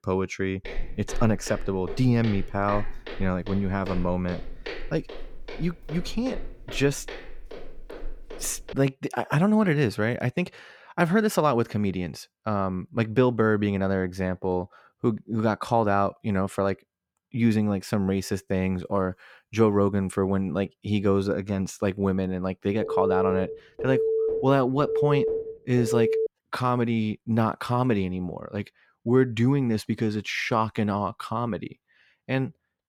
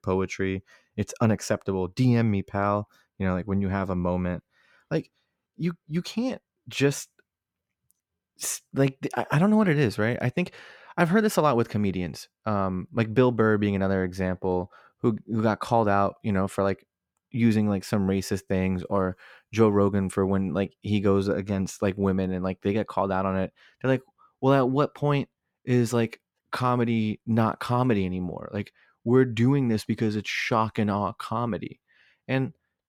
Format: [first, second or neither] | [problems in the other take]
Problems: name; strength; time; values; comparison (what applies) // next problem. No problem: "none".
second | footsteps; faint; from 0.5 to 9 s; peak 10 dB below the speech // phone ringing; loud; from 23 to 26 s; peak 2 dB above the speech